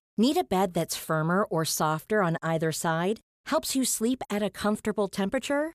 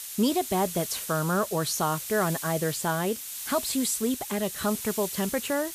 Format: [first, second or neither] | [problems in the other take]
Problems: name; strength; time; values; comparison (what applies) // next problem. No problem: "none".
first | hiss; loud; throughout; 6 dB below the speech